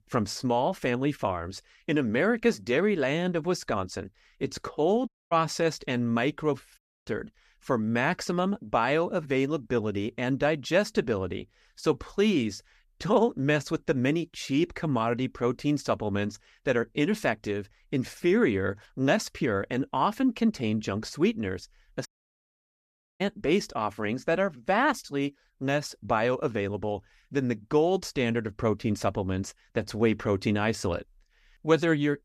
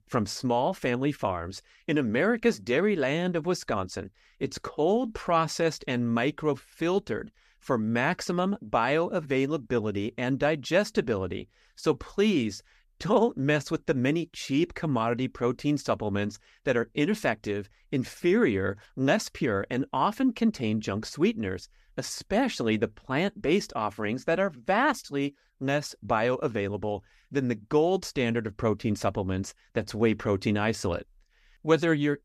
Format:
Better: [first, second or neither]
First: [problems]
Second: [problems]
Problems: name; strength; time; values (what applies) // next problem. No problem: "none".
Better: second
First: audio cutting out; at 5 s, at 7 s and at 22 s for 1 s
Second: none